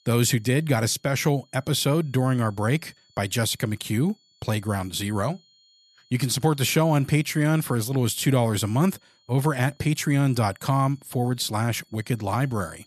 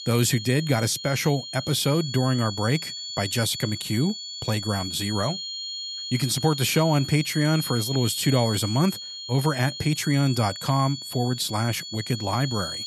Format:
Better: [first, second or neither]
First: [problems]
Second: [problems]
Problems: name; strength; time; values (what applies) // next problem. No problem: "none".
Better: first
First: high-pitched whine; faint; throughout; 4.5 kHz, 35 dB below the speech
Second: high-pitched whine; loud; throughout; 4.5 kHz, 7 dB below the speech